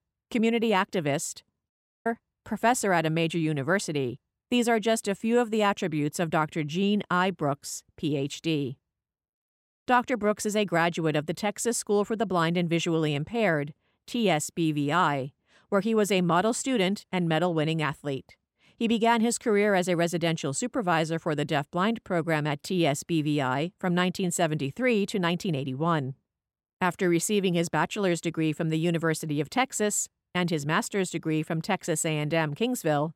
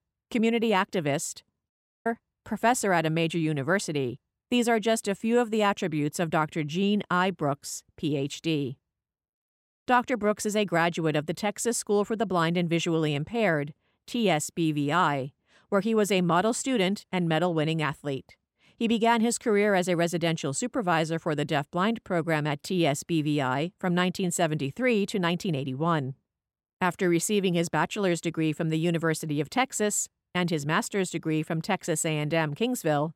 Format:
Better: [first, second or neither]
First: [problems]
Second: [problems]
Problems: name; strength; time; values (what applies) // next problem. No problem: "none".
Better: neither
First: audio cutting out; at 1.5 s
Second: audio cutting out; at 1.5 s